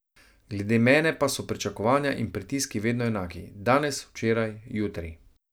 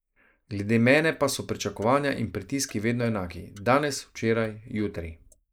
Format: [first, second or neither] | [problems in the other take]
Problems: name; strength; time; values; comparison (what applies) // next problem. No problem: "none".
first | noise reduction (neural mask model Resemble Enhance denoiser)